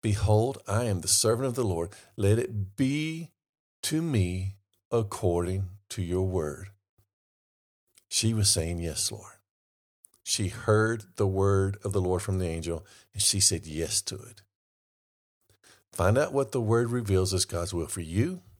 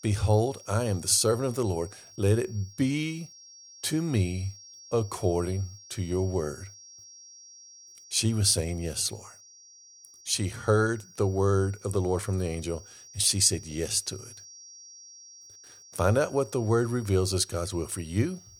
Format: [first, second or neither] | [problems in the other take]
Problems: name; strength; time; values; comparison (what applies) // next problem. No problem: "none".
first | high-pitched whine; faint; throughout; 5.5 kHz, 20 dB below the speech